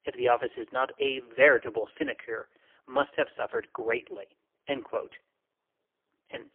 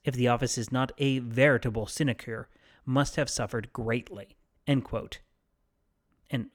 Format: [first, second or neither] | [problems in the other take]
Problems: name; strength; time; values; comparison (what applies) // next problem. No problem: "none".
second | phone-call audio; poor line; nothing above 3 kHz